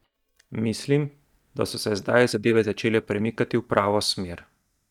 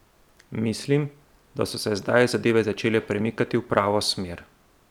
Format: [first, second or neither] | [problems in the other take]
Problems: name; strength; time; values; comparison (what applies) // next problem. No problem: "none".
second | noise reduction (neural mask model DeepFilterNet 3)